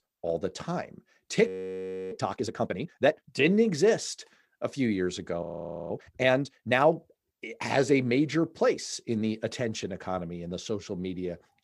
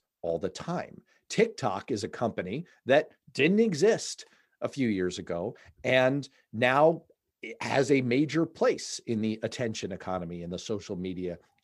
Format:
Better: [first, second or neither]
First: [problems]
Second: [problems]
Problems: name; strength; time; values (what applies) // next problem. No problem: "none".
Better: second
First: audio freezing; at 1.5 s for 0.5 s and at 5.5 s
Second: none